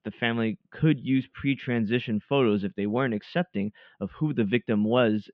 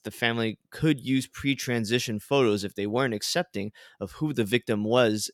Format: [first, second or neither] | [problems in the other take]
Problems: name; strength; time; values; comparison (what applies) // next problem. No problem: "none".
second | muffled; very; fading above 3 kHz